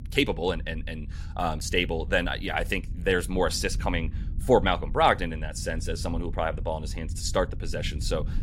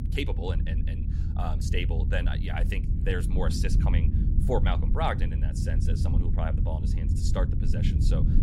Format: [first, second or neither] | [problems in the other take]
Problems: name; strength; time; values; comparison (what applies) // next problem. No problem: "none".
first | low rumble; loud; throughout; 6 dB below the speech; faint in the first